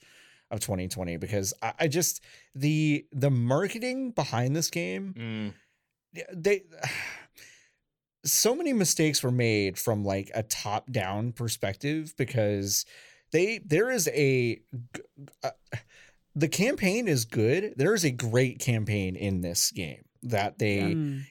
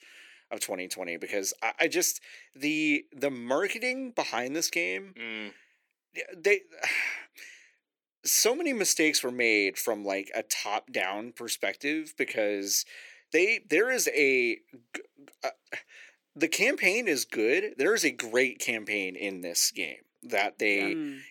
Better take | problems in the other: first | thin; somewhat; fading below 300 Hz

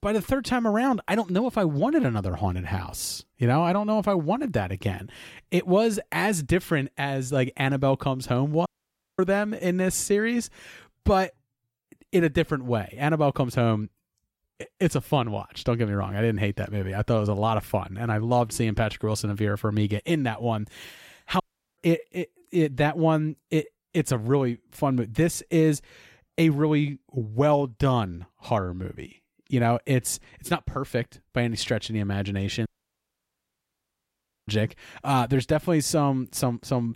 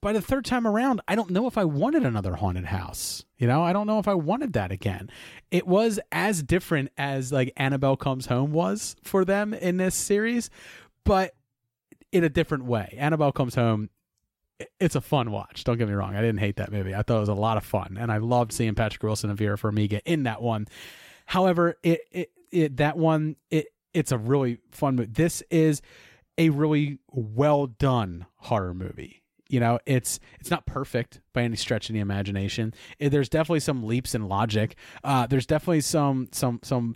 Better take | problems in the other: second | audio cutting out; at 8.5 s for 0.5 s, at 21 s and at 33 s for 2 s

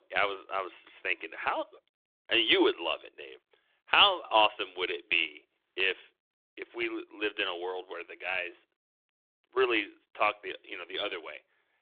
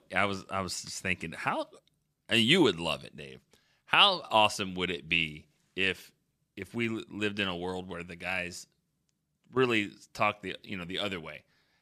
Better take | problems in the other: second | phone-call audio

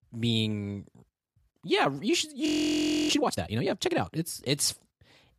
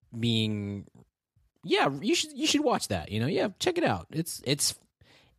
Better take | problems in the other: second | audio freezing; at 2.5 s for 0.5 s

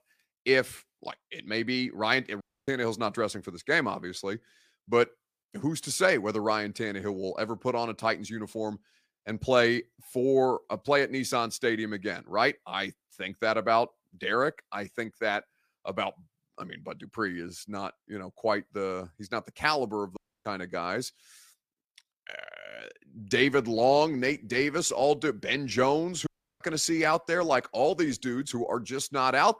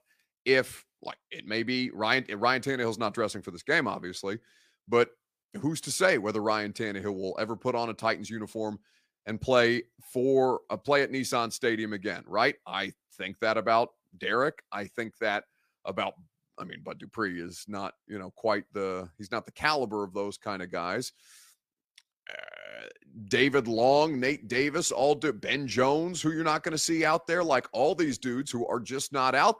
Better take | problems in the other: second | audio cutting out; at 2.5 s, at 20 s and at 26 s

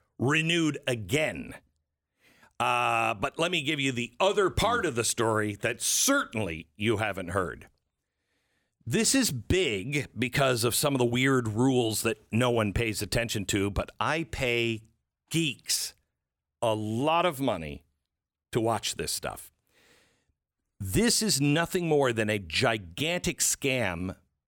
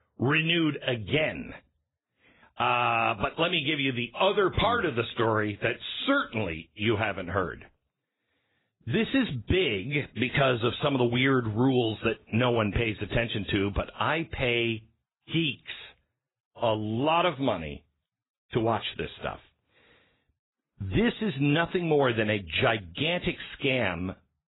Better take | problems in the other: first | garbled, watery; badly; nothing above 4 kHz

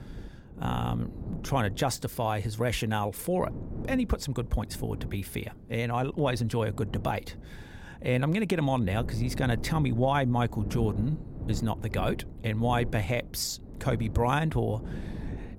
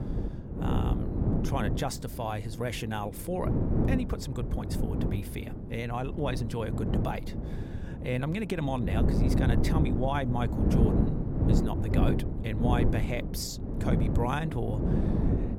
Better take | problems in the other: first | wind noise on the microphone; heavy; 2 dB below the speech; occasional gusts in the first

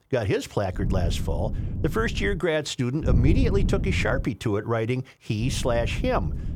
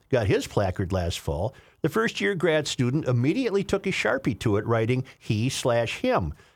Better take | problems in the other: second | wind noise on the microphone; occasional gusts; from 1 to 2.5 s, from 3 to 4 s and from 5.5 s on; 10 dB below the speech

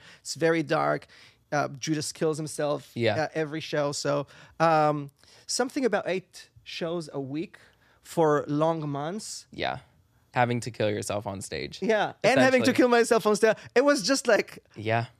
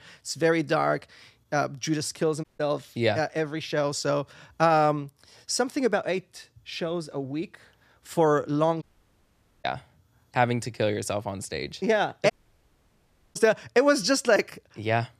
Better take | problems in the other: first | audio cutting out; at 2.5 s, at 9 s for 1 s and at 12 s for 1 s

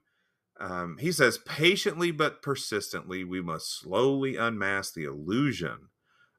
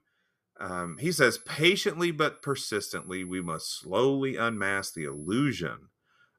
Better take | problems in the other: first | high-pitched whine; noticeable; from 0.5 to 1.5 s, from 2.5 to 4 s and at 4.5 s; 11 kHz, 20 dB below the speech

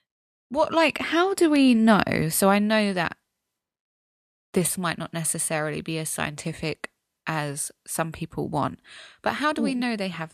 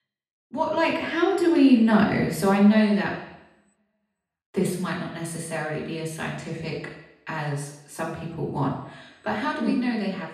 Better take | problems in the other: first | room echo; noticeable; dies away in 0.8 s // off-mic speech; far

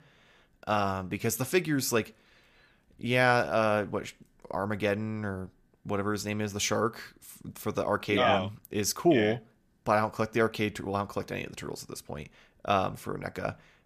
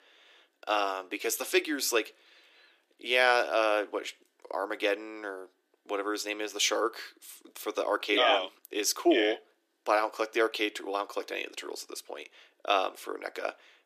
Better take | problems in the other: first | thin; somewhat; fading below 300 Hz

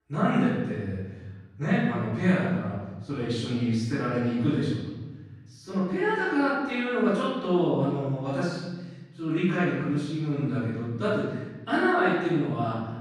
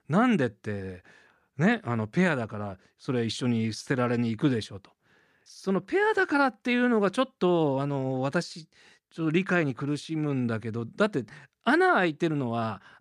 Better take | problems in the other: second | off-mic speech; far // room echo; strong; dies away in 1.4 s

